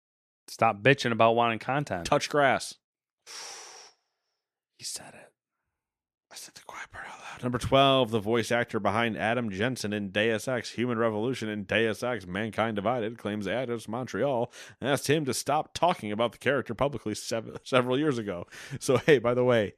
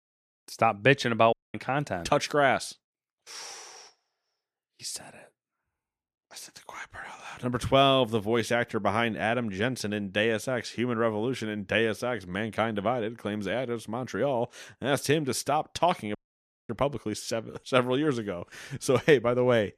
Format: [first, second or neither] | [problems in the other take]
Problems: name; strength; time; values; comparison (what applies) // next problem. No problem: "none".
first | audio cutting out; at 1.5 s and at 16 s for 0.5 s